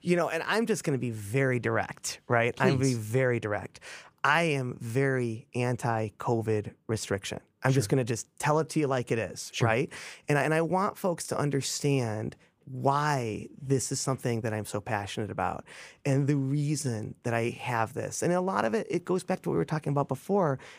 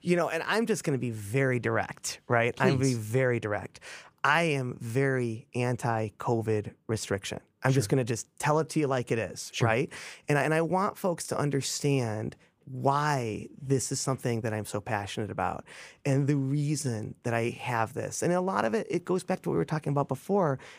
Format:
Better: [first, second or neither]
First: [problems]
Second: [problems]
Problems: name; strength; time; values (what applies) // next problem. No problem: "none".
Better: neither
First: none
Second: none